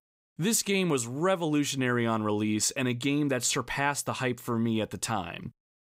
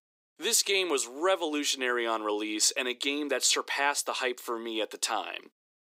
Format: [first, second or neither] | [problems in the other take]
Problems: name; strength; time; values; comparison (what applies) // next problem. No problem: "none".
first | thin; somewhat; fading below 300 Hz